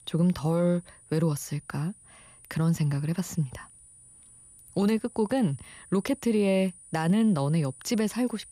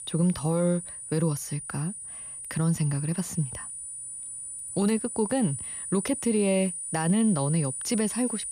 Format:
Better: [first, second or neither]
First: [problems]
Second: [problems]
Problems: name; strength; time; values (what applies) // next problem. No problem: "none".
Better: first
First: high-pitched whine; faint; throughout; 9.5 kHz, 20 dB below the speech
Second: high-pitched whine; loud; throughout; 9.5 kHz, 6 dB below the speech